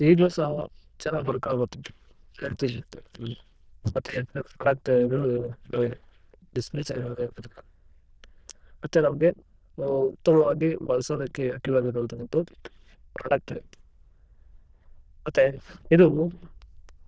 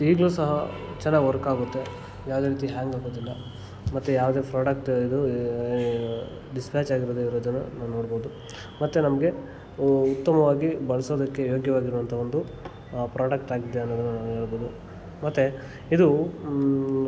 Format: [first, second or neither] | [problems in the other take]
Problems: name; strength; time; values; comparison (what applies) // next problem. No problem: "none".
second | noise reduction (neural diffusion model UNIVERSE++)